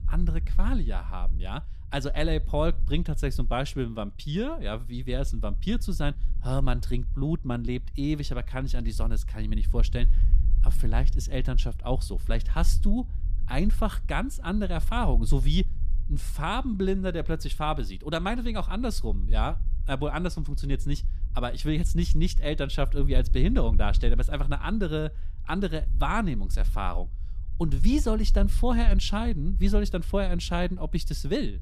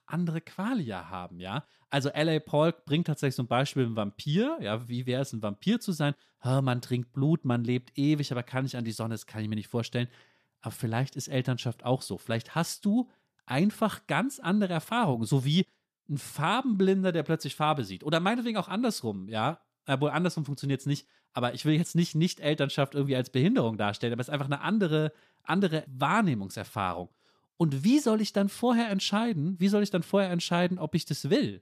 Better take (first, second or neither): second